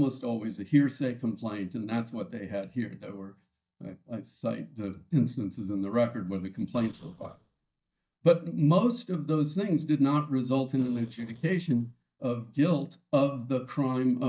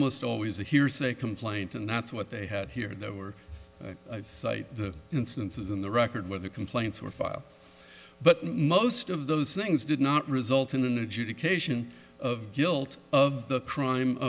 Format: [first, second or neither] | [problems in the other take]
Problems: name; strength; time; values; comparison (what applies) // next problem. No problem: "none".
second | noise reduction (neural mask model DeepFilterNet 3)